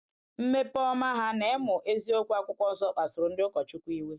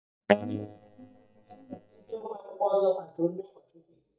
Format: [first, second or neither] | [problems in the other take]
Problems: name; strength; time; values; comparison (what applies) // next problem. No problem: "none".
first | noise reduction (neural mask model DeepFilterNet 3)